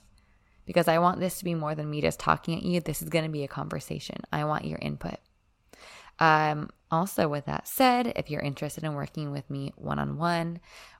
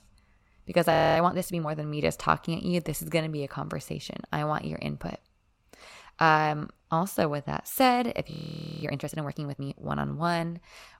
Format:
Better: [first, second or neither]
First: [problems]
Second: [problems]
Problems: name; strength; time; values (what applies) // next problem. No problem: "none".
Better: first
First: none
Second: audio freezing; at 1 s and at 8.5 s for 0.5 s